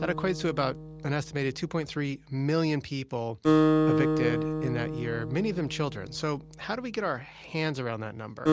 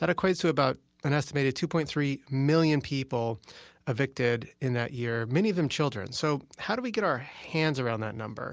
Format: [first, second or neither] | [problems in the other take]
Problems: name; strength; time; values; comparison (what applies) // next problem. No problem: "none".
second | background sound (Acoustic guitar); as loud as the speech